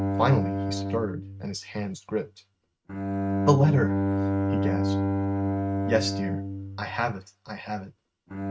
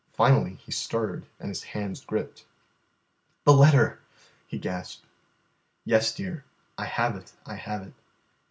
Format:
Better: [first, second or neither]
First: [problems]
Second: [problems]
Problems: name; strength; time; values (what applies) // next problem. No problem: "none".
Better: second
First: noise reduction (neural mask model RNNoise)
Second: none